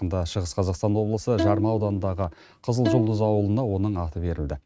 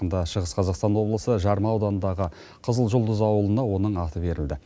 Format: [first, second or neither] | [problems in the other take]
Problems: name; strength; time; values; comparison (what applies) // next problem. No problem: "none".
second | noise reduction (neural mask model RNNoise)